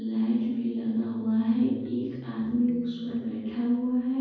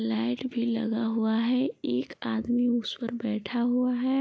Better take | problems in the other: second | background sound (Electric guitar); 19 dB below the speech // room echo; dies away in 1.3 s

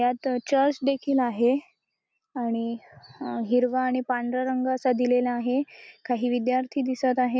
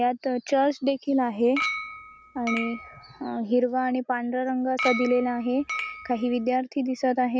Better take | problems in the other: first | background sound (Chink, clink); 8 dB below the speech

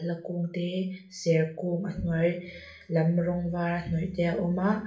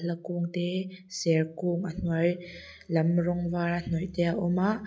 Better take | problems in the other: second | room echo; dies away in 0.3 s

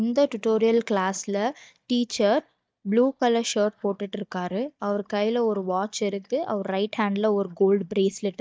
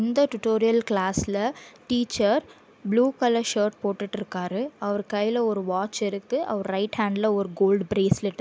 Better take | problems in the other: second | noise reduction (neural mask model DeepFilterNet 3)

